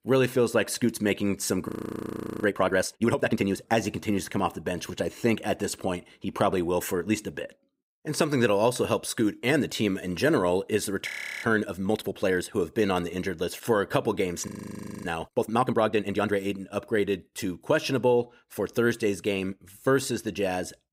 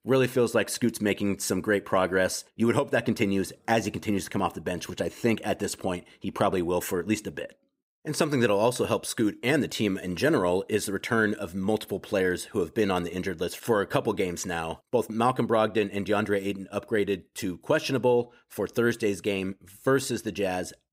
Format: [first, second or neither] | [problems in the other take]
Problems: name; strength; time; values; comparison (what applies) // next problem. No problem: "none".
second | audio freezing; at 1.5 s for 1 s, at 11 s and at 14 s for 0.5 s